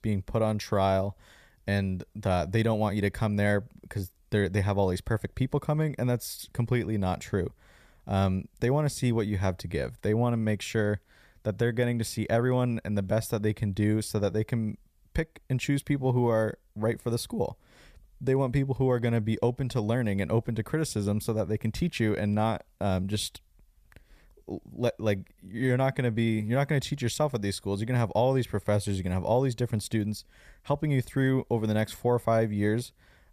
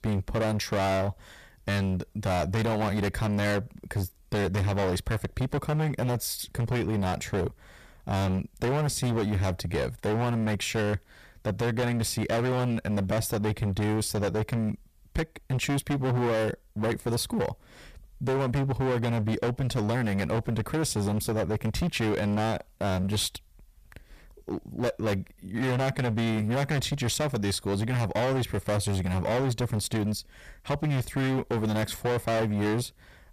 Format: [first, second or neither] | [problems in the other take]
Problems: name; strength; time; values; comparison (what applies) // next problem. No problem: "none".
first | distortion; heavy; 25% of the sound clipped